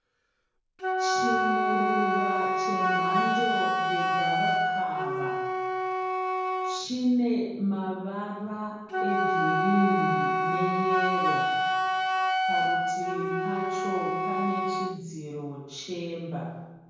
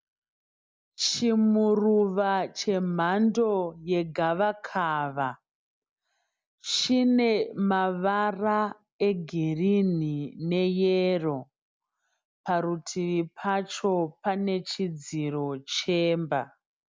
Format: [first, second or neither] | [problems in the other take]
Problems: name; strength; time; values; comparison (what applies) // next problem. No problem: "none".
second | background sound (Wind instrument, woodwind instrument); 4 dB above the speech // room echo; dies away in 1 s